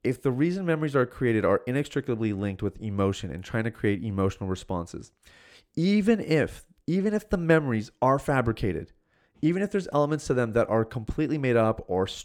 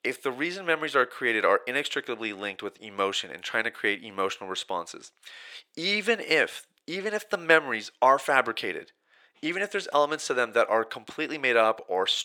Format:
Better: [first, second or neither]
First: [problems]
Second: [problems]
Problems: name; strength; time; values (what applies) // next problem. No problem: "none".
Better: first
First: none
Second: thin; very; fading below 600 Hz